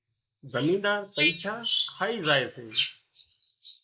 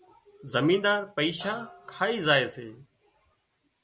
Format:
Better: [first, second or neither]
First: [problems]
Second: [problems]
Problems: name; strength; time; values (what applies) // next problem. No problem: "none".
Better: second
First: noise reduction (neural mask model Resemble Enhance denoiser)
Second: none